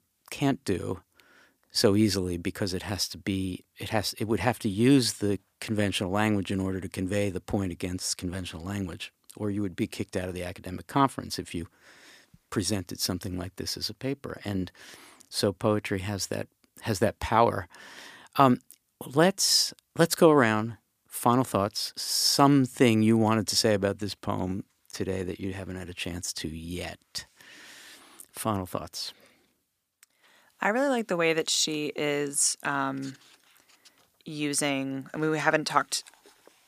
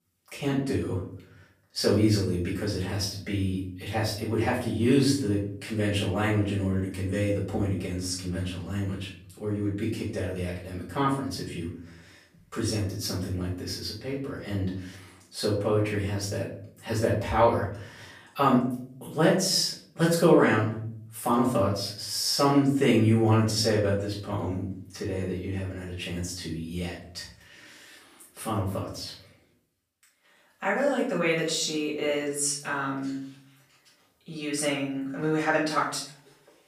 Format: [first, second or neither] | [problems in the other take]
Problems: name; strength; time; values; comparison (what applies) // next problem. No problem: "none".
first | off-mic speech; far // room echo; noticeable; dies away in 0.6 s